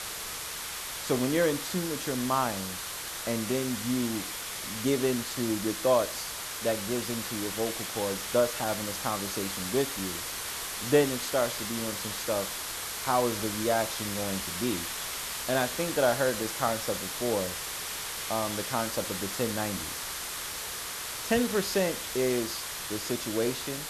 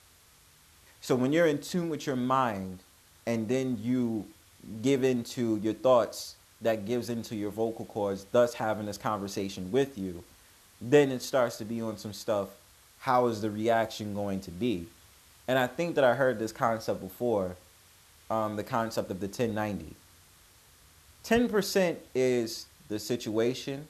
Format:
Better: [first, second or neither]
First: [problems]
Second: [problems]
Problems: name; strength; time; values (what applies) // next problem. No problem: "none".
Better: second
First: hiss; loud; throughout; 3 dB below the speech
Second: hiss; faint; throughout; 25 dB below the speech